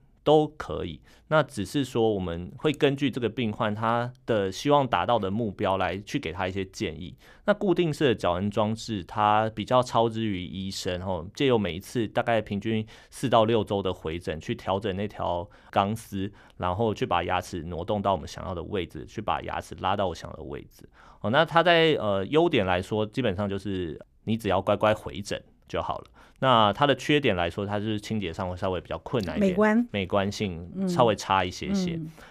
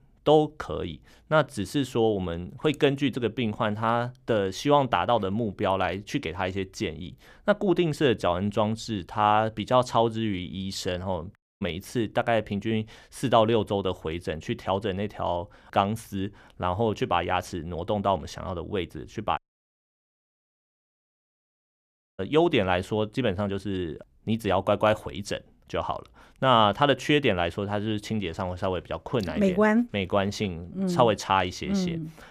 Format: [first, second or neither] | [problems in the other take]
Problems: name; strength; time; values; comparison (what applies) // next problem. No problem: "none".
first | audio cutting out; at 11 s and at 19 s for 3 s